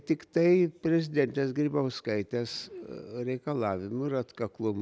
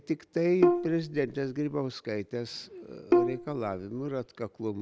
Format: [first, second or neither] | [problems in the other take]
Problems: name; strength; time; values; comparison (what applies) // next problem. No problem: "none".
first | background sound (Bowed string instrument); 3 dB above the speech